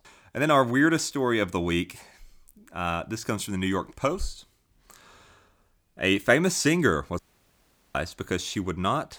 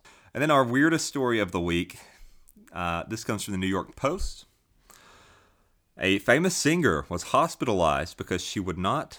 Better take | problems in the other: second | audio cutting out; at 7 s for 1 s

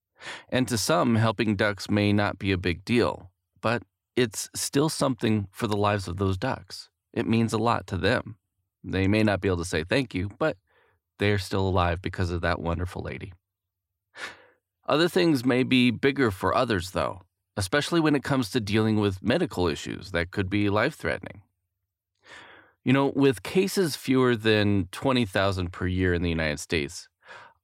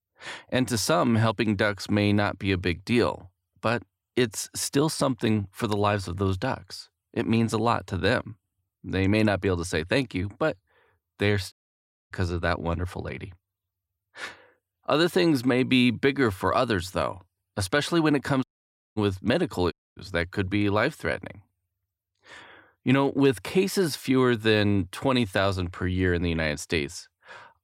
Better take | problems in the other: first | audio cutting out; at 12 s for 0.5 s, at 18 s for 0.5 s and at 20 s

